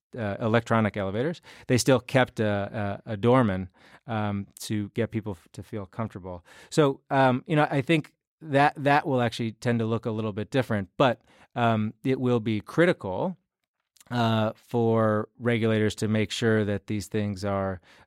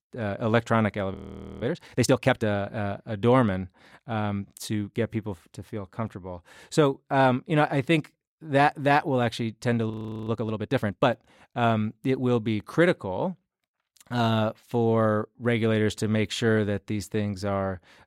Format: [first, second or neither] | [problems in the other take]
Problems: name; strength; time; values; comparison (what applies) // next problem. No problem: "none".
first | audio freezing; at 1 s and at 10 s